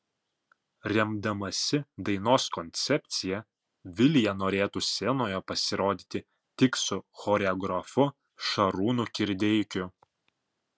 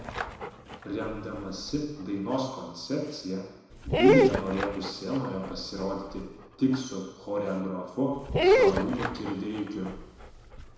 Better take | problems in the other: first | background sound (Dog); 2 dB above the speech // room echo; dies away in 1 s

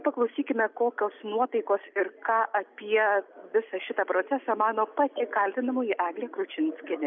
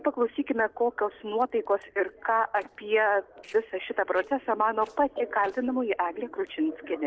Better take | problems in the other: first | noise reduction (neural separator model SepFormer DNS4)

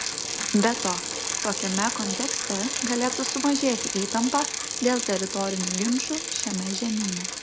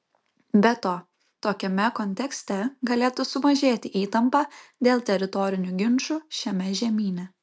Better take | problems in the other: second | background sound (Bicycle); 2 dB below the speech

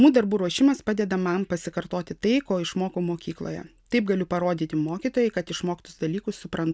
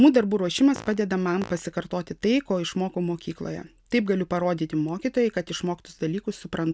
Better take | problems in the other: first | background sound (Fart); 16 dB below the speech

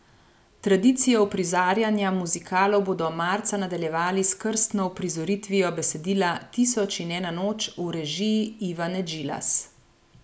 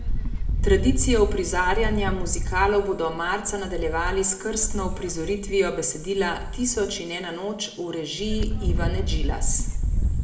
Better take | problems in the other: first | background sound (Wind); as loud as the speech // room echo; dies away in 0.7 s

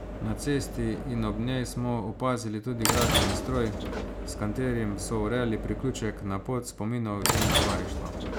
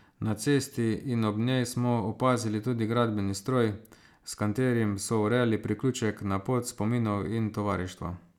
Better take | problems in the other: second | background sound (Sliding door / Train); 1 dB below the speech

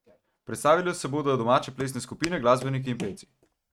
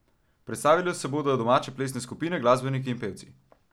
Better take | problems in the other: second | noise reduction (neural mask model RNNoise)

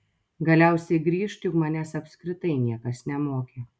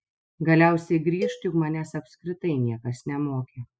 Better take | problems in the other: first | noise reduction (classical method spectral subtraction)

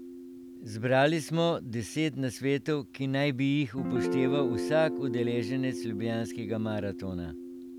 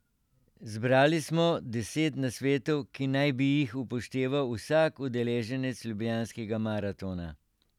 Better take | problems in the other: second | background sound (Guitar); 6 dB below the speech

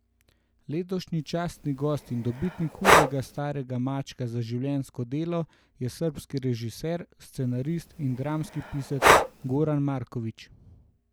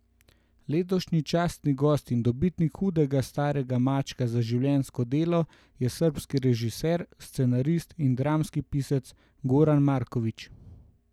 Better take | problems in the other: second | background sound (Breathing); 4 dB above the speech

